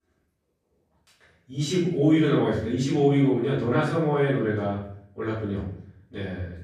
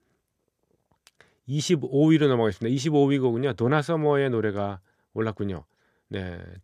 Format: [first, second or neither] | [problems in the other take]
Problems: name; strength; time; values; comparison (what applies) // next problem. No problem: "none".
second | off-mic speech; far // room echo; noticeable; dies away in 0.6 s